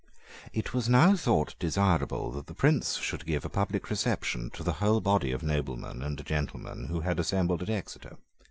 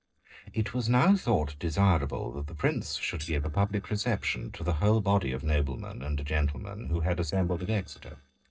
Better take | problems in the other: first | noise reduction (neural separator model SepFormer DNS4)

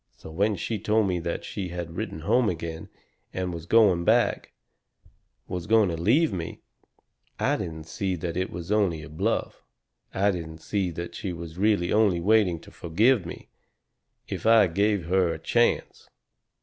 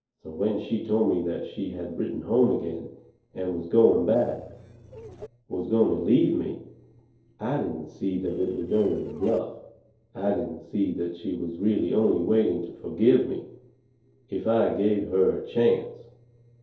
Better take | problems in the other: first | noise reduction (neural separator model SepFormer DNS4)

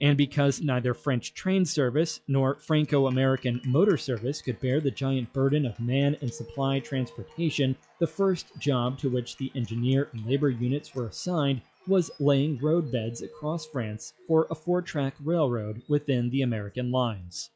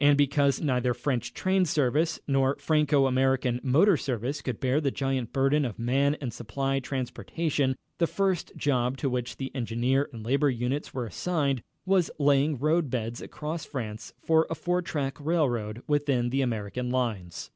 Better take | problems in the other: second | noise reduction (classical method log-MMSE)

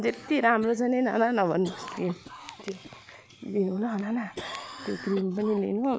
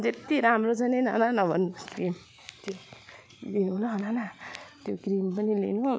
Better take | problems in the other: second | background sound (Cough); 17 dB below the speech

